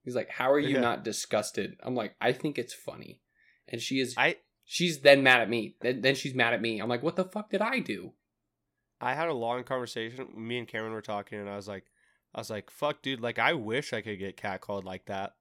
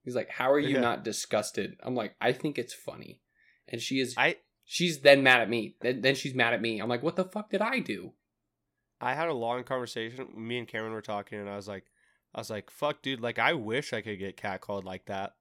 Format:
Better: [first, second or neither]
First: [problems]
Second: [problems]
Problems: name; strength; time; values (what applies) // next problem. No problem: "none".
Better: neither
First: none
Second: none